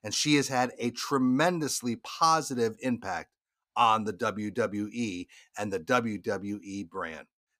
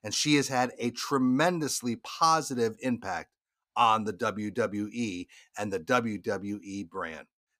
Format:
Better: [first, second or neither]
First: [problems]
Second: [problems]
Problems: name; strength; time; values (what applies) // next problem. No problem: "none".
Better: neither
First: none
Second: none